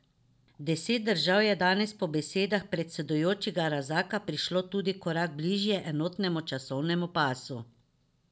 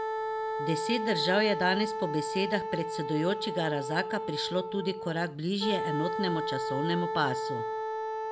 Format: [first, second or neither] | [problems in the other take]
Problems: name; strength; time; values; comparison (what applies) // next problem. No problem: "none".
first | background sound (Wind instrument, woodwind instrument); 2 dB below the speech